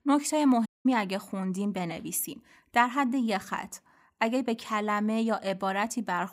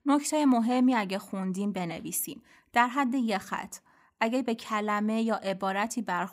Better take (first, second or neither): second